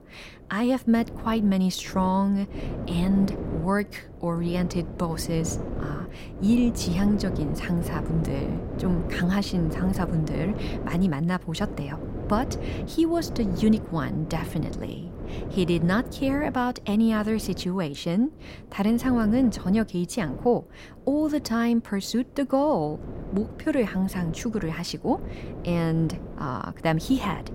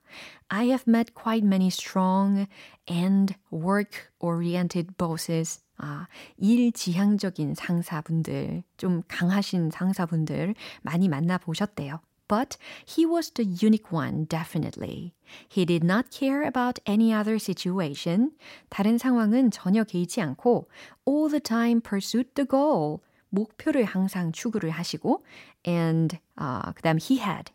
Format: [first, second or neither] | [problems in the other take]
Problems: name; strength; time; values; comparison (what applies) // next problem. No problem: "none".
second | wind noise on the microphone; occasional gusts; 10 dB below the speech